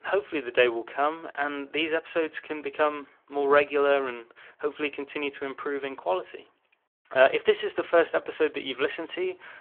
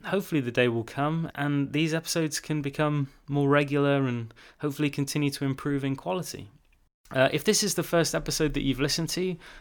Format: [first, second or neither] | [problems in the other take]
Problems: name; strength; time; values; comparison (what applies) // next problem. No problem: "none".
second | phone-call audio